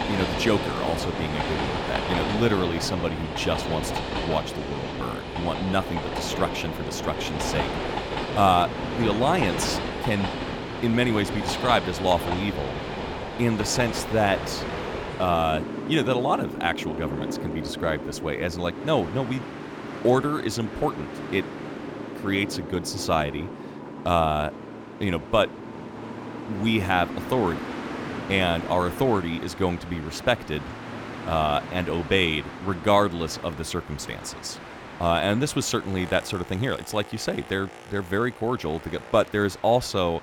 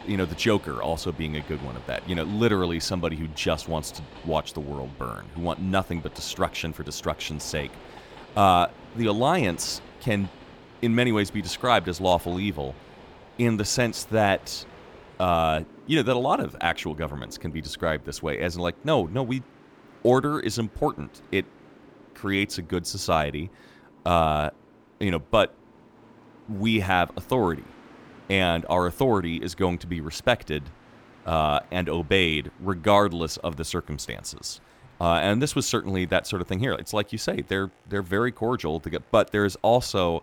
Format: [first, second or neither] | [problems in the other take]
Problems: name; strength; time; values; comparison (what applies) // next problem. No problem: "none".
second | train or aircraft noise; loud; throughout; 6 dB below the speech; faint in the second